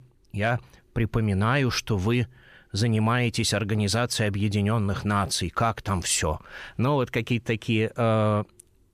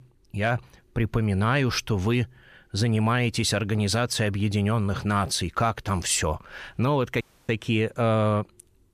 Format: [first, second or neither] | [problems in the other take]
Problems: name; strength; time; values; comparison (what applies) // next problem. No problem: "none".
first | audio cutting out; at 7 s